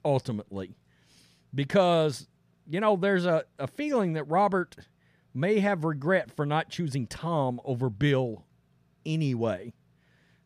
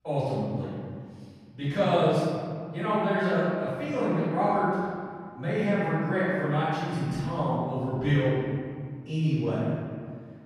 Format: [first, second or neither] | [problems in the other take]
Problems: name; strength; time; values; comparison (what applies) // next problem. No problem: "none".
first | room echo; strong; dies away in 2 s // off-mic speech; far